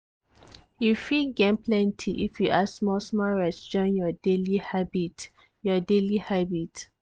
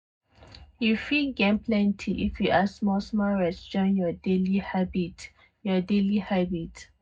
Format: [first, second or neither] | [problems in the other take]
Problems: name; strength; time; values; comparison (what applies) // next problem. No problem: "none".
first | room echo; dies away in 0.3 s